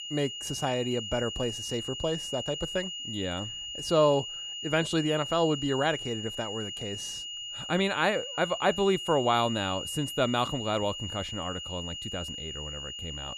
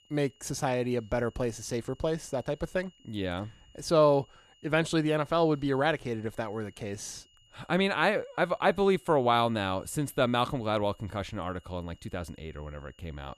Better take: second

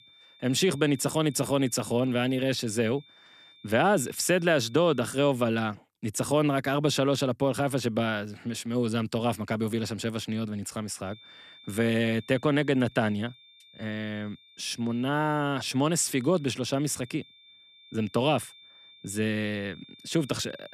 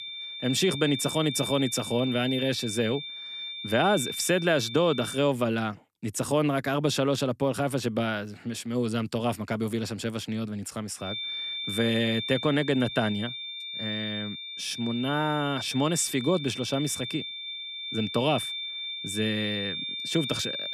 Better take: first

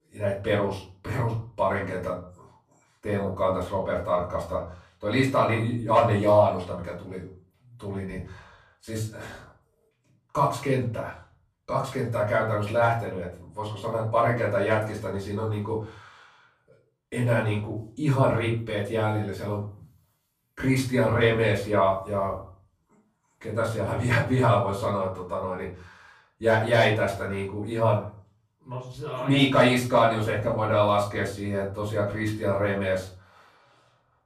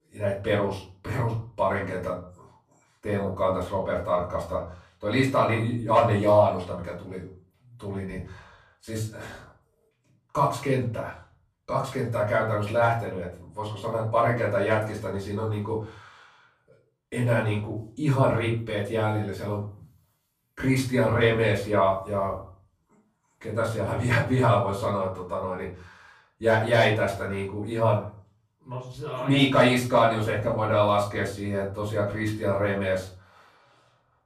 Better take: neither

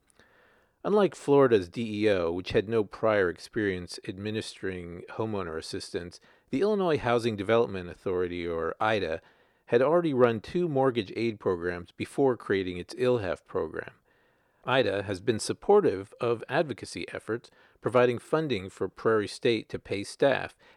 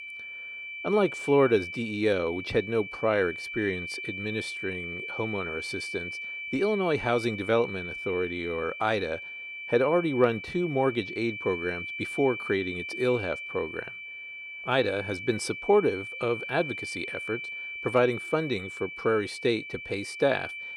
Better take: first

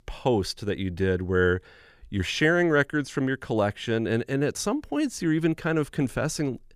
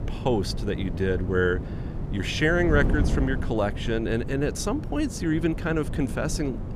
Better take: first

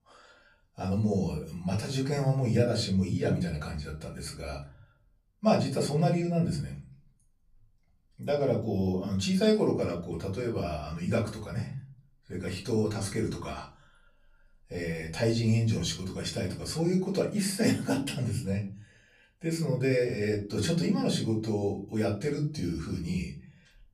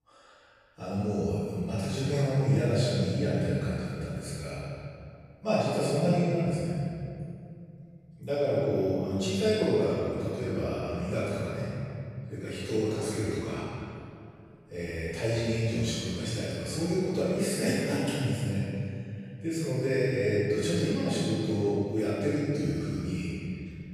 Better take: first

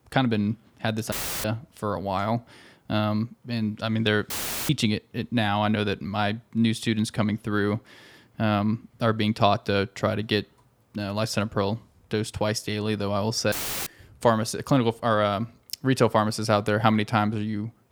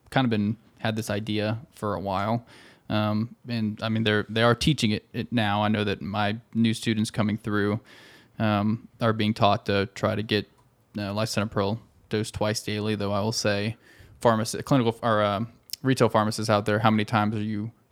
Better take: second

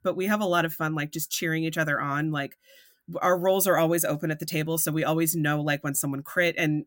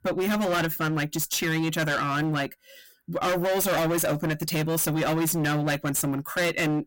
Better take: first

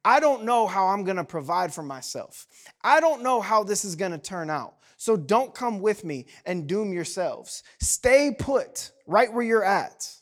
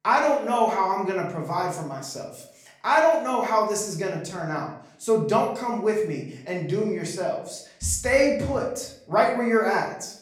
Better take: first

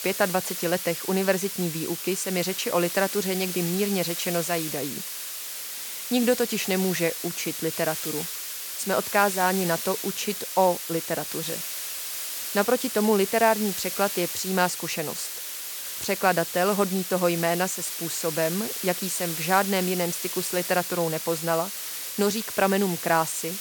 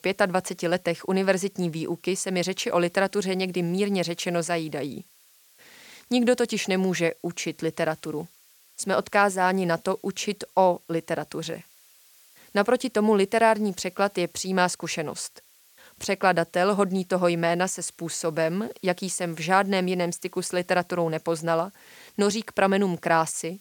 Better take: second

